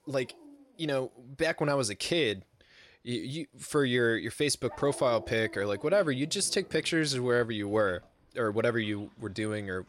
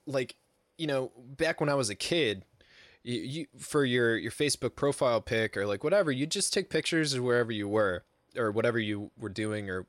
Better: second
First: animal sounds; faint; throughout; 20 dB below the speech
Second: none

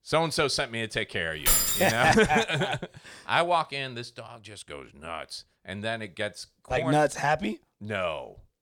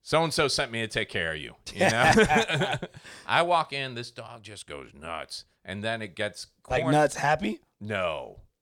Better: second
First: jangling keys; loud; at 1.5 s; peak 6 dB above the speech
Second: none

